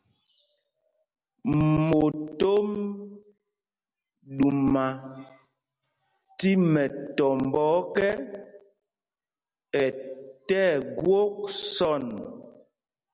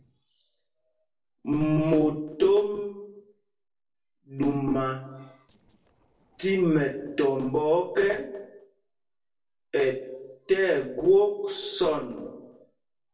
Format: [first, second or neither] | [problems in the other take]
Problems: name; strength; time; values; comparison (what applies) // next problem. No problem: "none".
first | noise reduction (neural separator model SepFormer DNS4)